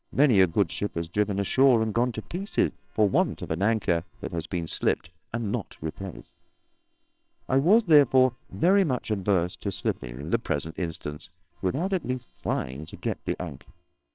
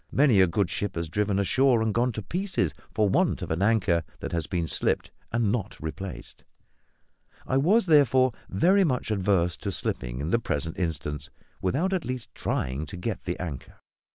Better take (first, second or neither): second